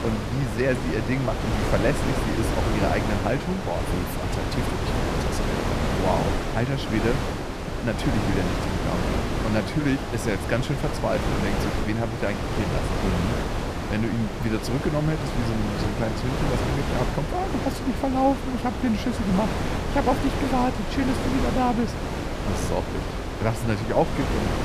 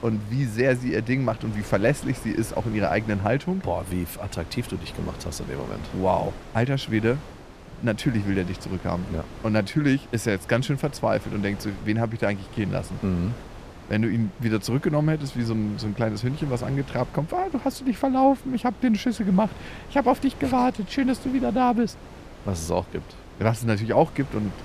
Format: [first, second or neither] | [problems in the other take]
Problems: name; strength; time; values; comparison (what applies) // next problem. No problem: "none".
second | wind noise on the microphone; heavy; 1 dB below the speech; occasional gusts in the second